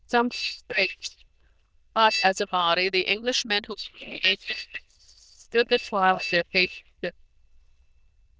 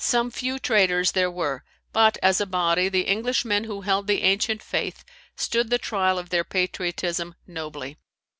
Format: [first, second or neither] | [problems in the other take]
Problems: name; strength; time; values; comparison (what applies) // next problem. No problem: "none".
second | noise reduction (neural diffusion model UNIVERSE++)